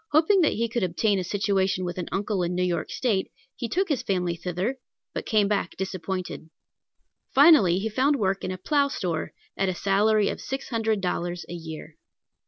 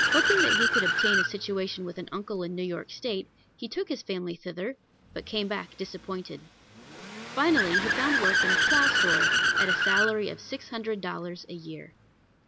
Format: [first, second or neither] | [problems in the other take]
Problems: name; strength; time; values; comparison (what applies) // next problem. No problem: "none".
first | background sound (Accelerating, revving, vroom / Car); 3 dB above the speech